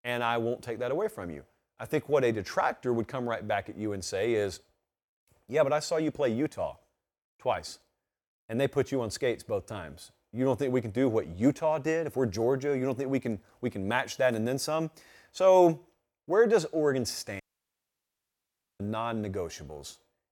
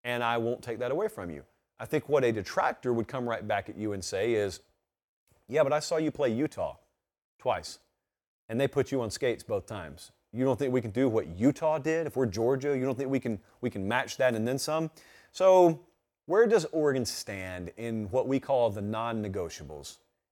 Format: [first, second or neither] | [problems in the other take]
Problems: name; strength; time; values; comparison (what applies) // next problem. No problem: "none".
second | audio cutting out; at 17 s for 1.5 s